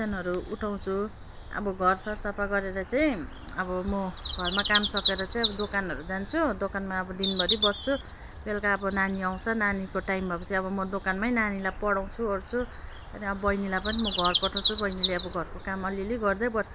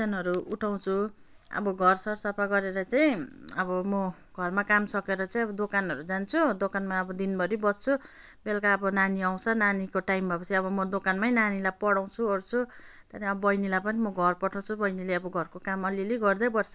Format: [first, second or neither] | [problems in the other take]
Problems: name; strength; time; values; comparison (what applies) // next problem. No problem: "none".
second | background sound (Bird vocalization, bird call, bird song); 6 dB below the speech